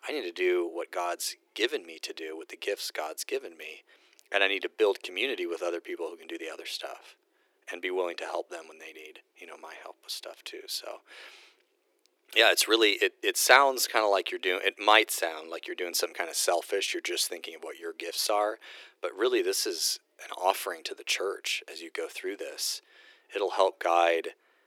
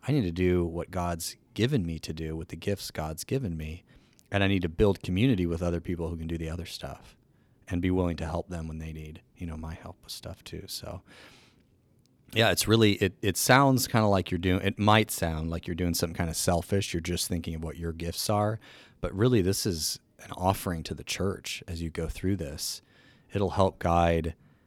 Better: second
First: thin; very; fading below 350 Hz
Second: none

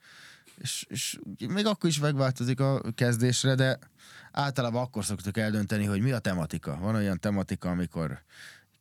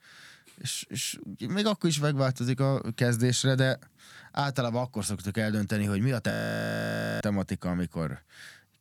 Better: first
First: none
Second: audio freezing; at 6.5 s for 1 s

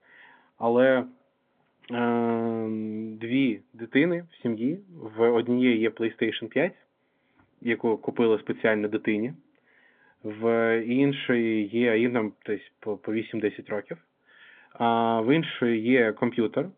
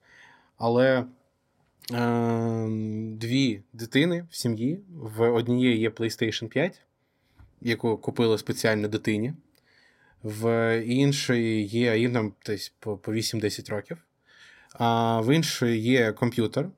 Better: second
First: phone-call audio; nothing above 3.5 kHz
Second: none

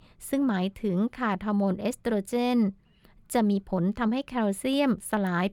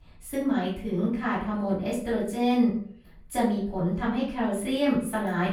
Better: first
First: none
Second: room echo; noticeable; dies away in 0.4 s // off-mic speech; far

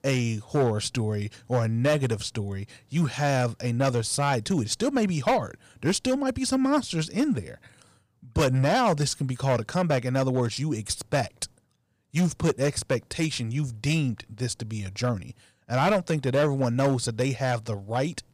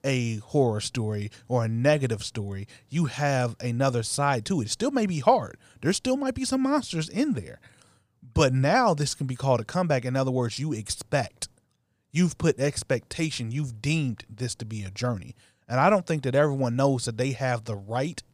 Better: second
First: distortion; slight; 5% of the sound clipped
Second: none

